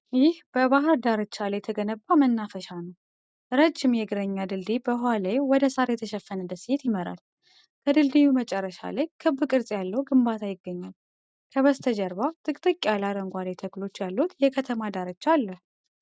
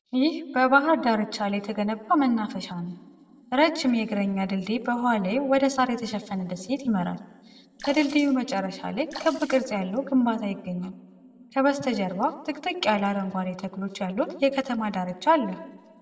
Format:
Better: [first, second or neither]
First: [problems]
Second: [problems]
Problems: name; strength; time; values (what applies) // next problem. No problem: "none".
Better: first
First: none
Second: background sound (Sink (filling or washing) / Water / Splash, splatter); 15 dB below the speech // room echo; dies away in 0.9 s